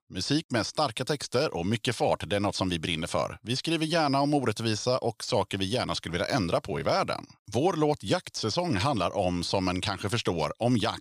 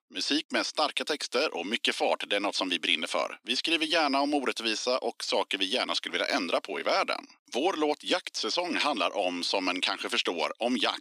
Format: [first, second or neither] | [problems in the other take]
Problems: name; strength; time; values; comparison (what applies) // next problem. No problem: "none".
first | thin; very slightly; fading below 250 Hz